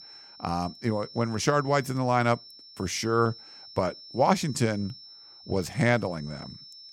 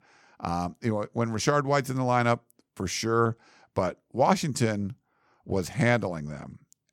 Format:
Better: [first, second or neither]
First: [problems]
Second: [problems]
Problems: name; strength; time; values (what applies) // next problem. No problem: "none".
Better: second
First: high-pitched whine; noticeable; throughout; 5.5 kHz, 20 dB below the speech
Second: none